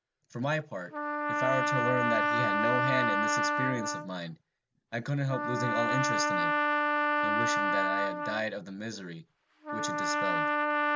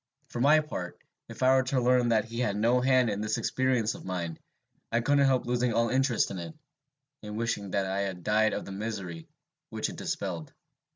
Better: second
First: background sound (Trumpet); 5 dB above the speech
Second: none

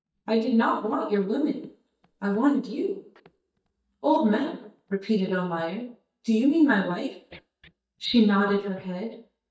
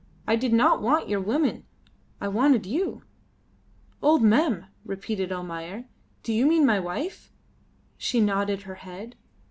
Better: second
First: noise reduction (neural mask model DeepFilterNet 3)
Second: none

